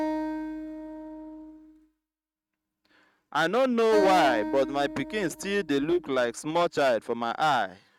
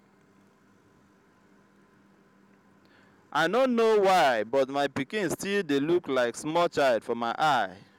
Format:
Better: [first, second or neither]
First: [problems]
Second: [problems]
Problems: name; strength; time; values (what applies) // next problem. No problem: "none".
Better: second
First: noise reduction (neural mask model RNNoise)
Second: none